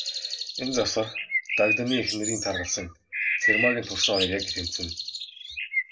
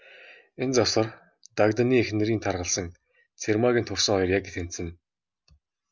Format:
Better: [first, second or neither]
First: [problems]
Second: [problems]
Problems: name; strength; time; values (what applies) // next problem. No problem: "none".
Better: second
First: background sound (Bird); 1 dB above the speech // room echo; dies away in 0.2 s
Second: none